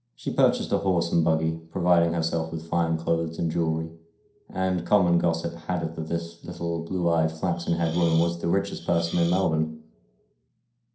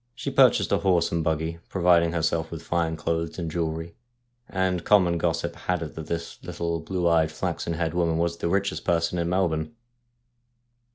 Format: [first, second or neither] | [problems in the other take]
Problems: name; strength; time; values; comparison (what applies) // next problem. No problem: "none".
second | noise reduction (neural separator model SepFormer DNS4)